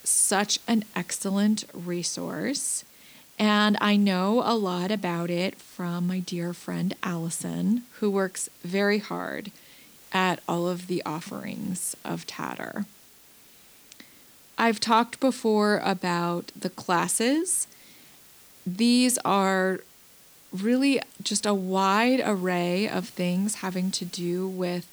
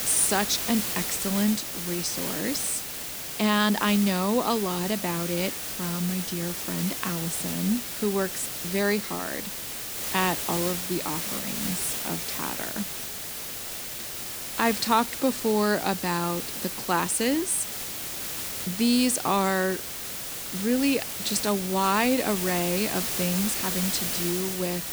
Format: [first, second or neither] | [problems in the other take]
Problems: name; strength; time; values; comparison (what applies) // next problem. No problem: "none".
first | hiss; loud; throughout; 3 dB below the speech; faint in the first